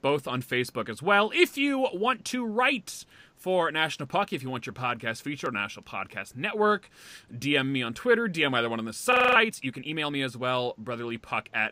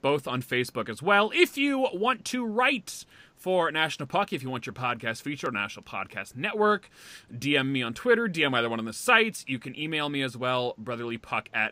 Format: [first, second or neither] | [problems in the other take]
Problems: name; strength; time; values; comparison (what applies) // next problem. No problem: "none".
second | audio freezing; at 9 s